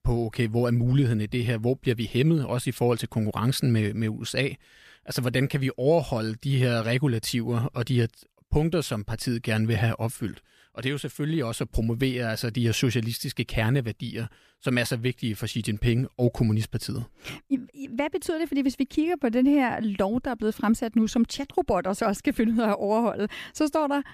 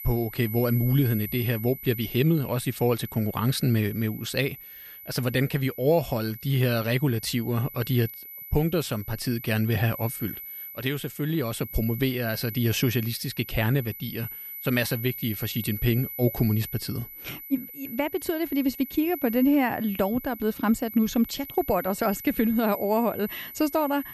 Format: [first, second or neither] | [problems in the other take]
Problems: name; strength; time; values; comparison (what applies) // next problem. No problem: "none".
first | high-pitched whine; noticeable; throughout; 12 kHz, 10 dB below the speech